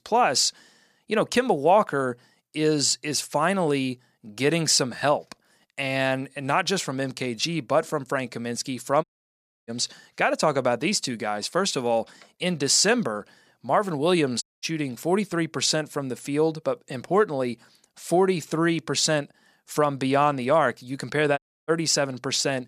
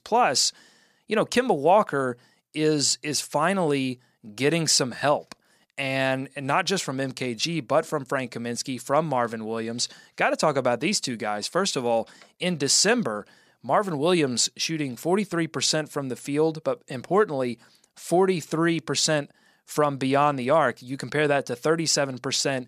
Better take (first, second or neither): second